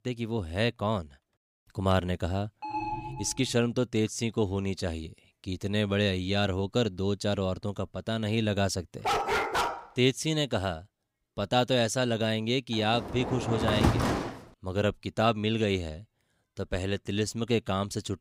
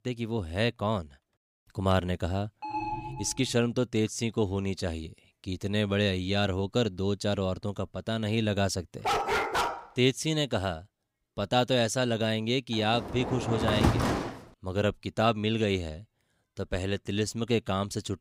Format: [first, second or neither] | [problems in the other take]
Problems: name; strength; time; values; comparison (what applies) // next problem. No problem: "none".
neither | alarm; noticeable; at 2.5 s; peak 5 dB below the speech; the same in both // dog barking; loud; at 9 s; peak 2 dB above the speech; the same in both // door banging; loud; from 13 to 14 s; peak 3 dB above the speech; the same in both